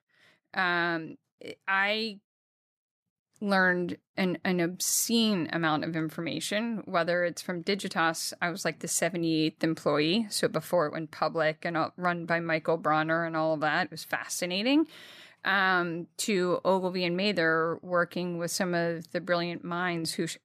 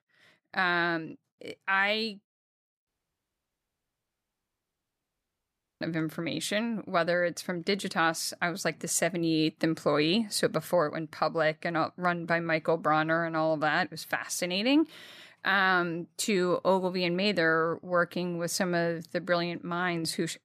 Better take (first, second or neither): first